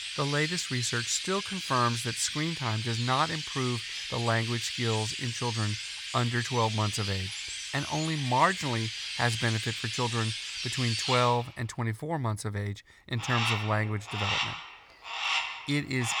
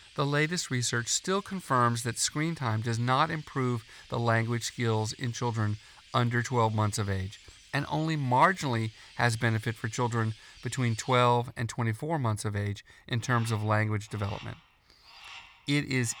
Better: second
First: animal sounds; loud; throughout; 3 dB below the speech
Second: animal sounds; faint; throughout; 20 dB below the speech

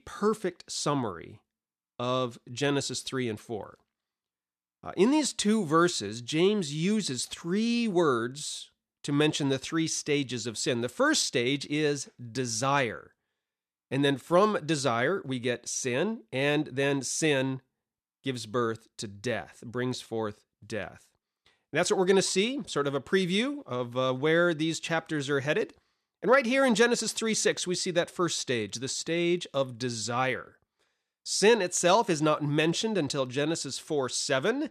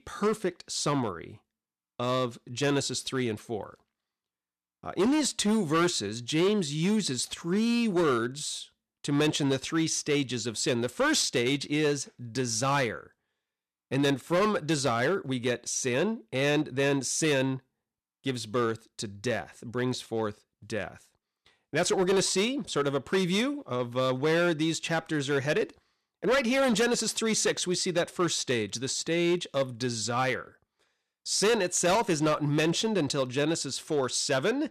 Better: first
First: none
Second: distortion; slight; 6% of the sound clipped

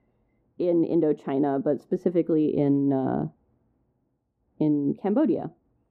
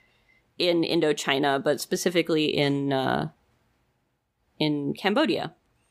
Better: second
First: muffled; very; fading above 1.5 kHz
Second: none

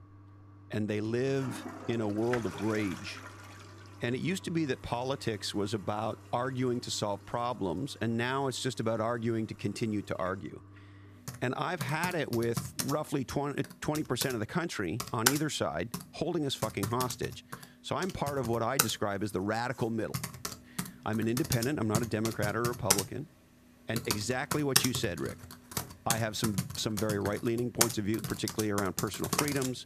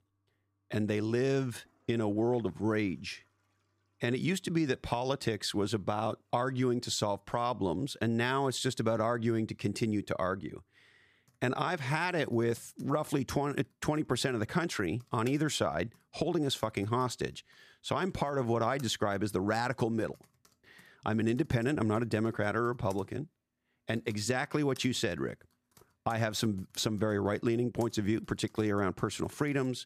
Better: second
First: household noises; loud; throughout; 2 dB below the speech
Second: household noises; faint; throughout; 30 dB below the speech

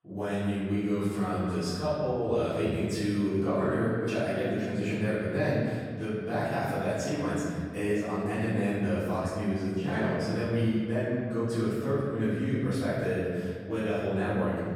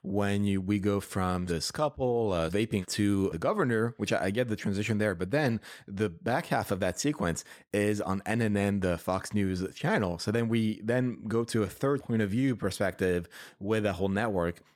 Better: second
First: off-mic speech; far // room echo; strong; dies away in 2.1 s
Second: none

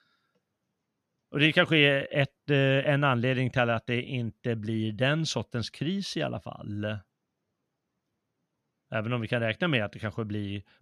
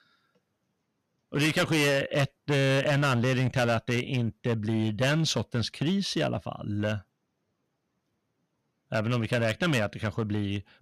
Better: first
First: none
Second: distortion; heavy; 9% of the sound clipped

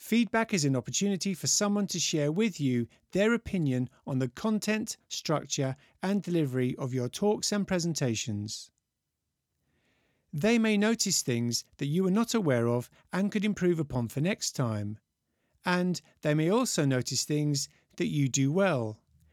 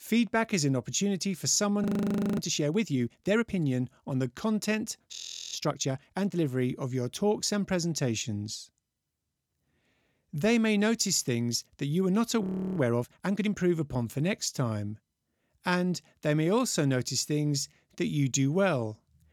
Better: first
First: none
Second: audio freezing; at 2 s for 0.5 s, at 5 s and at 12 s

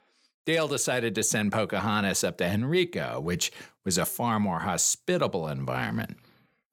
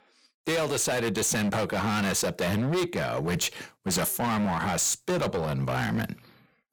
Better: first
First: none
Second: distortion; heavy; 23% of the sound clipped

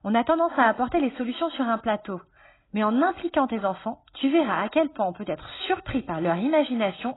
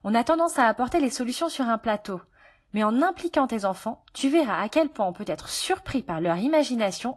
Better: second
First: garbled, watery; badly; nothing above 4 kHz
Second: garbled, watery; slightly; nothing above 11.5 kHz

